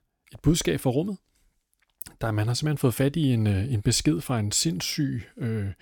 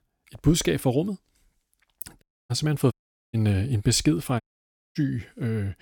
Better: first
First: none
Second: audio cutting out; at 2 s, at 3 s and at 4.5 s for 0.5 s

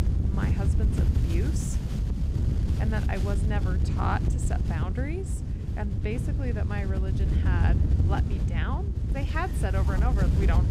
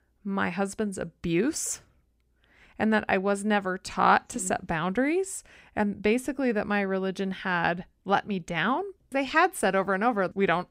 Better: second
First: wind noise on the microphone; heavy; 3 dB below the speech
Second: none

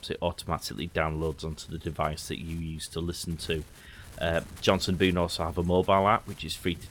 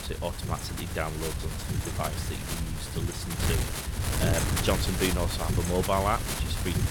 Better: first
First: wind noise on the microphone; occasional gusts; 25 dB below the speech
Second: wind noise on the microphone; heavy; 3 dB below the speech

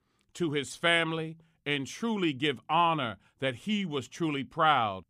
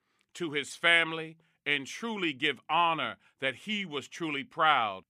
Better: first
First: none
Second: thin; very slightly; fading below 600 Hz

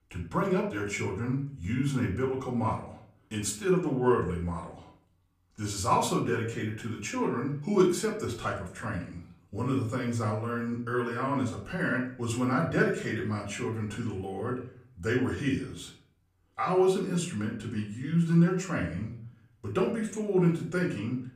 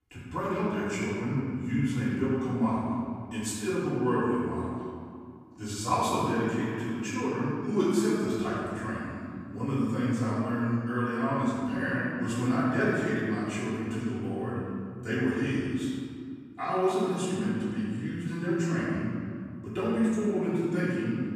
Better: first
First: room echo; slight; dies away in 0.4 s // off-mic speech; far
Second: room echo; strong; dies away in 2.1 s // off-mic speech; far

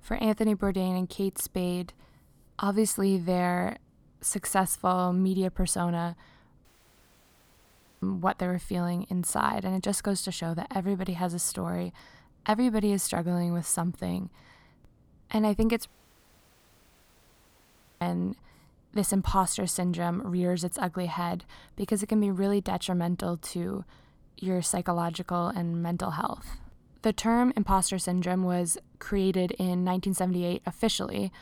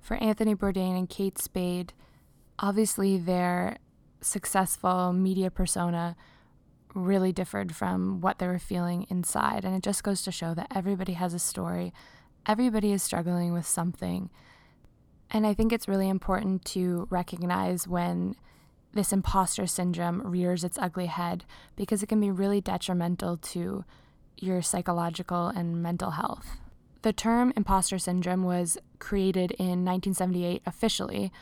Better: second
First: audio cutting out; at 6.5 s for 1.5 s and at 16 s for 2 s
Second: none

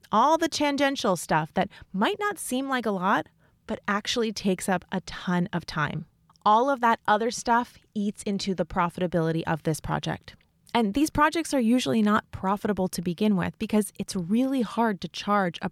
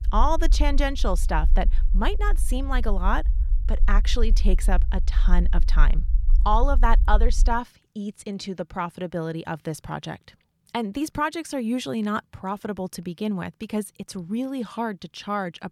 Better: first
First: none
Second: low rumble; faint; until 7.5 s; 20 dB below the speech

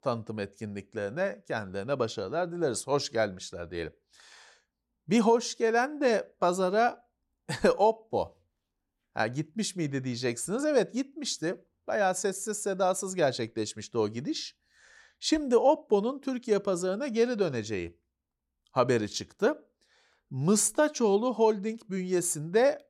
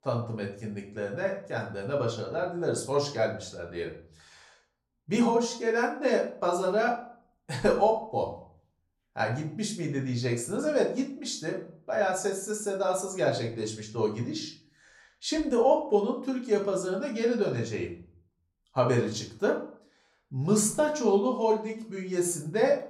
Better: first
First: none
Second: room echo; slight; dies away in 0.4 s // off-mic speech; far

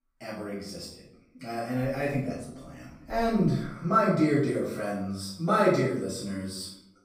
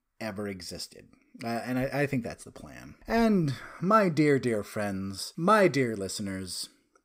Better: second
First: off-mic speech; far // room echo; noticeable; dies away in 0.6 s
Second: none

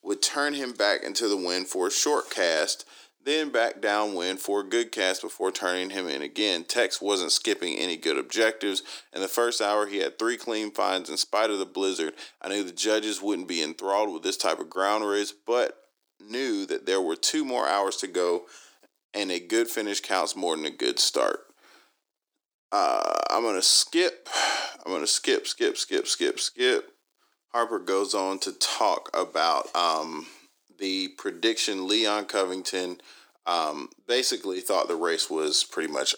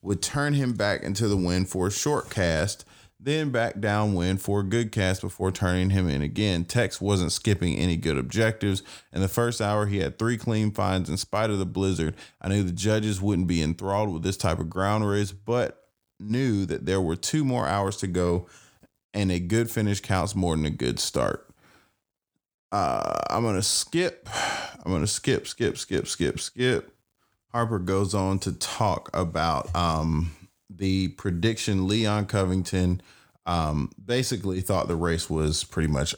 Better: second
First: thin; very; fading below 300 Hz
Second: none

